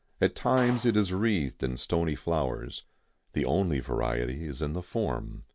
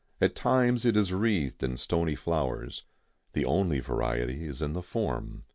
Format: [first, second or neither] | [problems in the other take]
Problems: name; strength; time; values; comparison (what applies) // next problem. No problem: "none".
second | background sound (Clapping); 18 dB below the speech